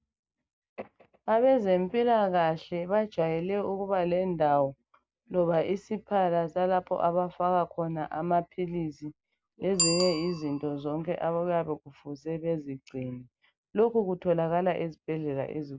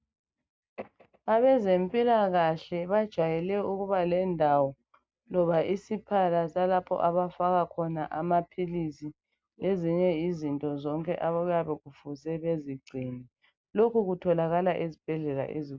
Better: second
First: background sound (Bicycle bell); 14 dB below the speech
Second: none

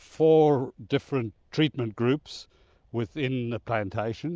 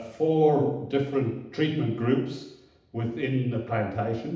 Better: first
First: none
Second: room echo; dies away in 0.8 s

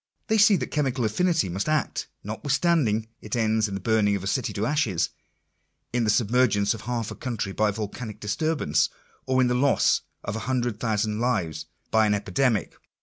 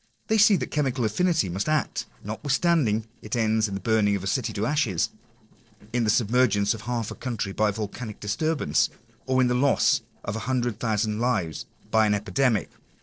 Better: first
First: none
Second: noise reduction (neural separator model SepFormer DNS4)

